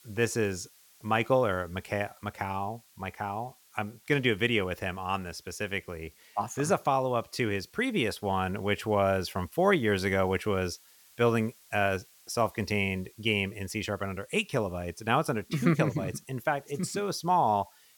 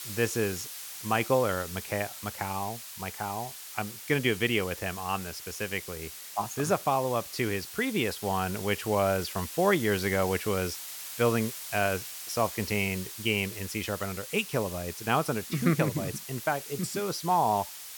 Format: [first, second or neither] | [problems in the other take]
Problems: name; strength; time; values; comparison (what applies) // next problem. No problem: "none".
first | hiss; loud; throughout; 9 dB below the speech; faint in the first